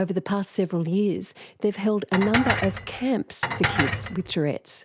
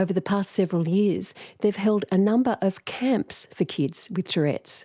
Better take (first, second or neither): second